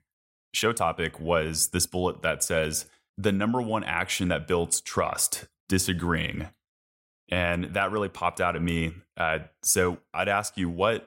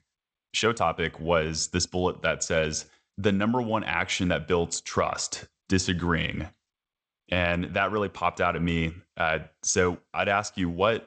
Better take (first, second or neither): first